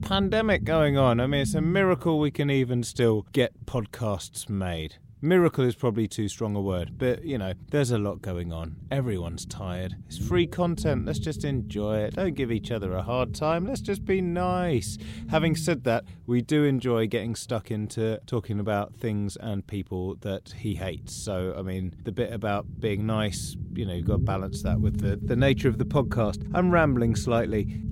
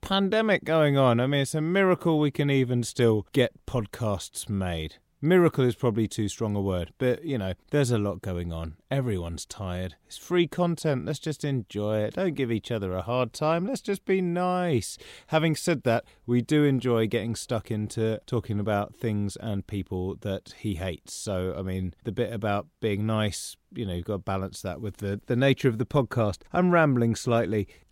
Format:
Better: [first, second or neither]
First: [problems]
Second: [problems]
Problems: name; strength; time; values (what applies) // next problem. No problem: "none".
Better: second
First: low rumble; noticeable; throughout; 15 dB below the speech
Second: none